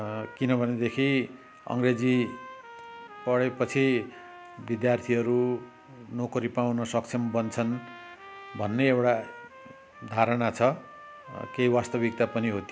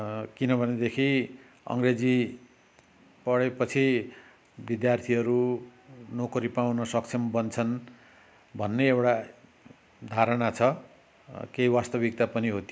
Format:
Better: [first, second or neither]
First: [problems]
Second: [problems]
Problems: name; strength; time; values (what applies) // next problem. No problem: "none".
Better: second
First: background sound (Trumpet); 19 dB below the speech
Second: none